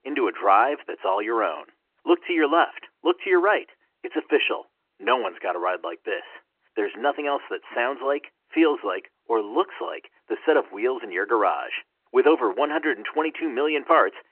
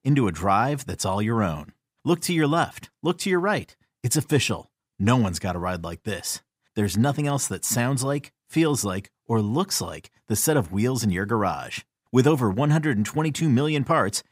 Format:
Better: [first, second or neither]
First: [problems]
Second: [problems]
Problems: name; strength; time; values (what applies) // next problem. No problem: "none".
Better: second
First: phone-call audio; nothing above 3 kHz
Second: none